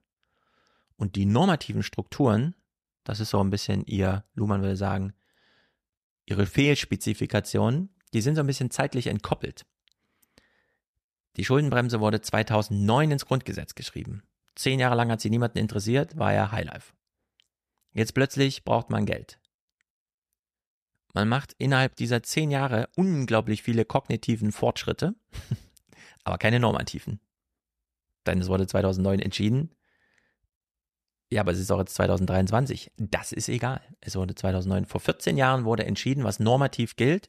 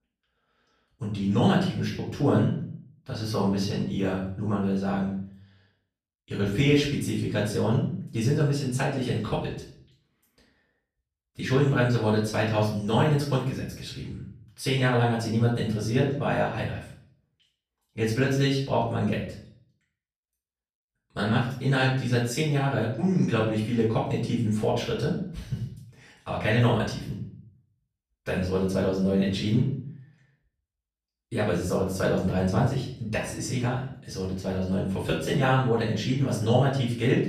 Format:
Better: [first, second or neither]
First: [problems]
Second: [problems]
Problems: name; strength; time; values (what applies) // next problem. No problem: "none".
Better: first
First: none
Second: off-mic speech; far // room echo; noticeable; dies away in 0.5 s